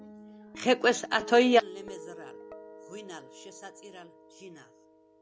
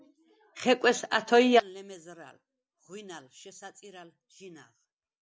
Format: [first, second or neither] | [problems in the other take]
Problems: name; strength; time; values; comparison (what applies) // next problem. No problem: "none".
second | background sound (Guitar); 17 dB below the speech